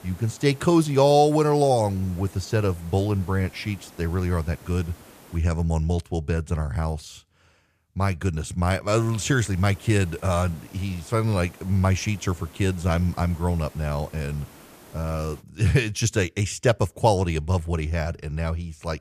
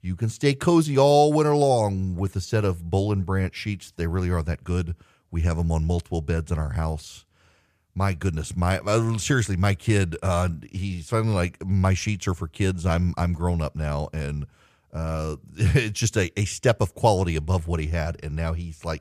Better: second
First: hiss; faint; until 5.5 s and from 9 to 15 s; 25 dB below the speech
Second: none

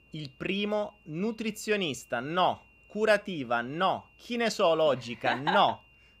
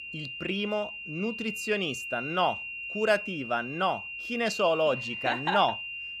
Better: first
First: high-pitched whine; faint; throughout; 3 kHz, 30 dB below the speech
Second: high-pitched whine; loud; throughout; 3 kHz, 6 dB below the speech

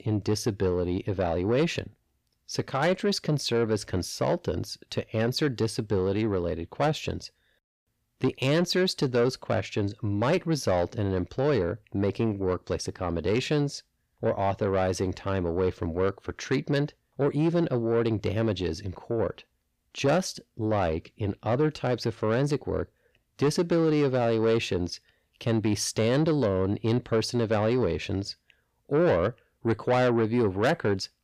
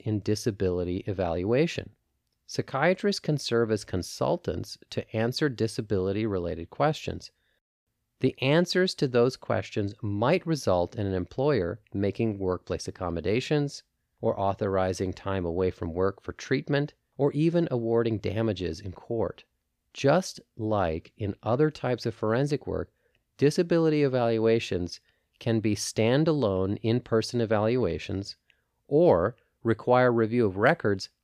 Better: second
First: distortion; slight; 10 dB below the speech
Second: none

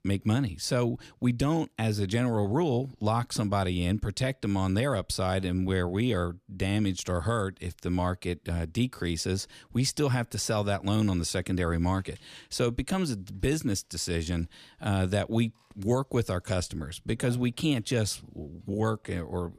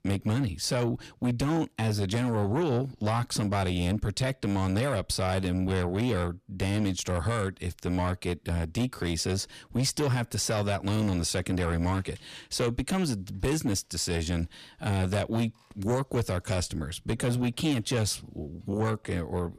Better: first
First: none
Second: distortion; slight; 10 dB below the speech

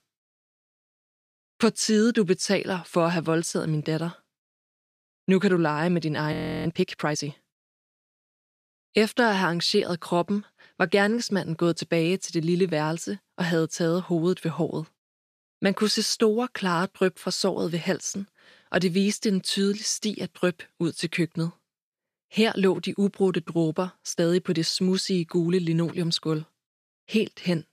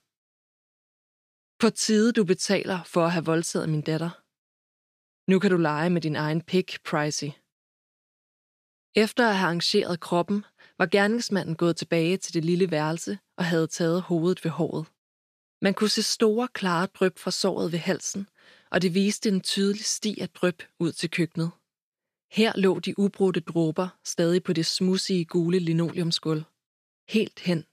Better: second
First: audio freezing; at 6.5 s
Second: none

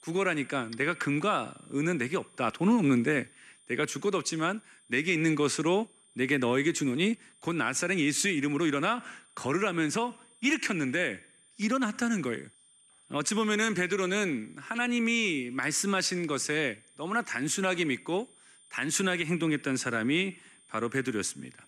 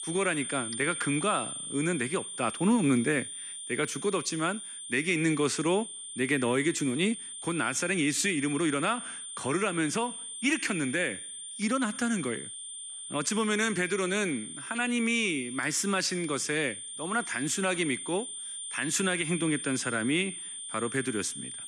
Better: first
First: high-pitched whine; faint; throughout; 9 kHz, 30 dB below the speech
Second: high-pitched whine; loud; throughout; 9 kHz, 8 dB below the speech

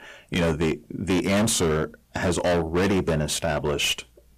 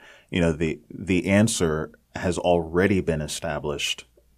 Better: second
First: distortion; heavy; 19% of the sound clipped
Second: none

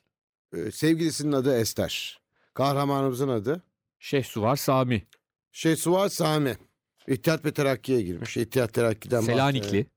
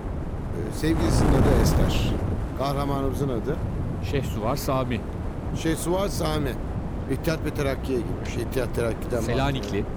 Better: first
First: none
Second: wind noise on the microphone; heavy; 5 dB below the speech

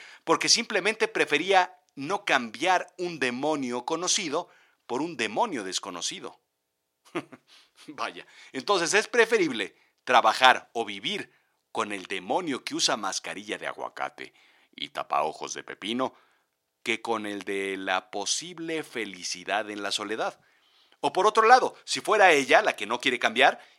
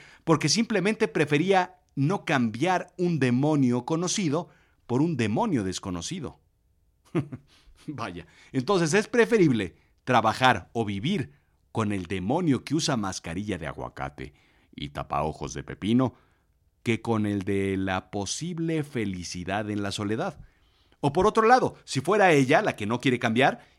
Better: second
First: thin; somewhat; fading below 500 Hz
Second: none

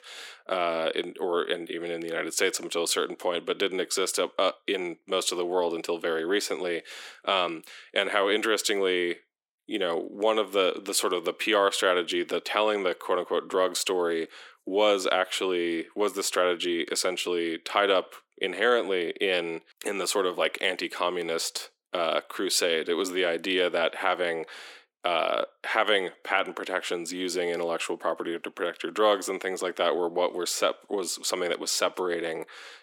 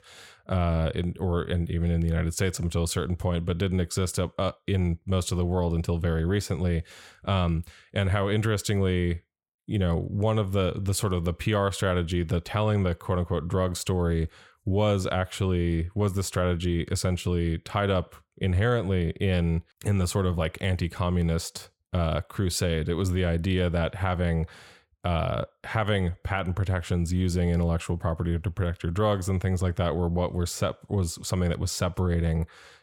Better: second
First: thin; very; fading below 300 Hz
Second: none

